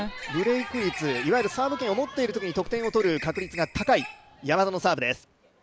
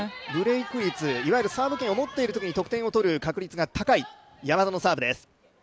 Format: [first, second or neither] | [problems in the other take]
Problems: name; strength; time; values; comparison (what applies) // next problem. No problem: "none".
second | background sound (Bird); 13 dB below the speech